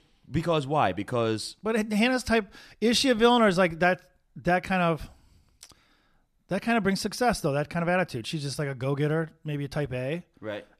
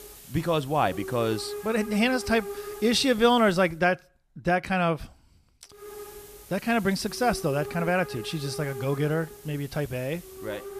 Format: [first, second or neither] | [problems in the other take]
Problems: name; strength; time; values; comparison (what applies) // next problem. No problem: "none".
first | hiss; noticeable; until 3.5 s and from 6 s on; 15 dB below the speech